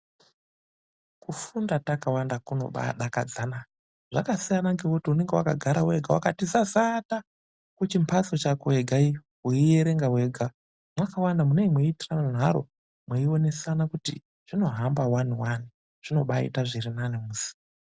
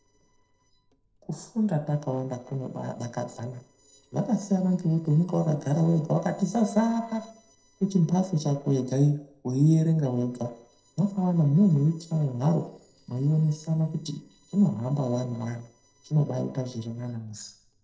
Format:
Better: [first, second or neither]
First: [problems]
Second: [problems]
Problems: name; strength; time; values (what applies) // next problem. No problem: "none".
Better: first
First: none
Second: noise reduction (neural separator model SepFormer DNS4)